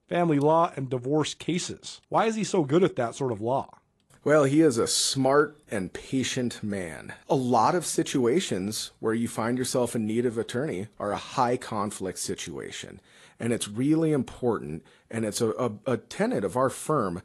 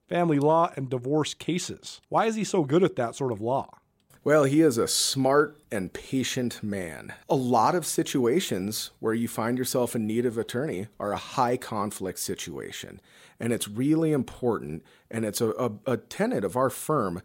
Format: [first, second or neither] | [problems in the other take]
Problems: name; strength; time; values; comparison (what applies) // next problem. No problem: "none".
second | garbled, watery; slightly; nothing above 11.5 kHz